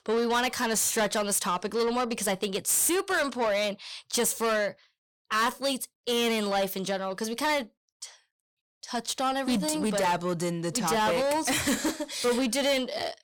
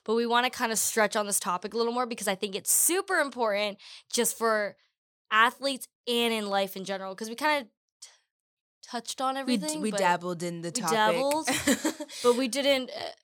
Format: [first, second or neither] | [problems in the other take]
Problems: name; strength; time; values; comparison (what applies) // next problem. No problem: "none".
second | distortion; heavy; 7 dB below the speech